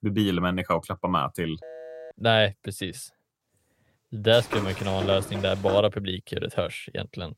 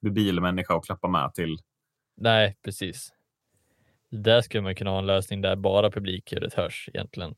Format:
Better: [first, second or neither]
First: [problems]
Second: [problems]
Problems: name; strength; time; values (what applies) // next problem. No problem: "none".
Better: second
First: phone ringing; faint; at 1.5 s; peak 15 dB below the speech // footsteps; noticeable; from 4.5 to 6 s; peak 7 dB below the speech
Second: none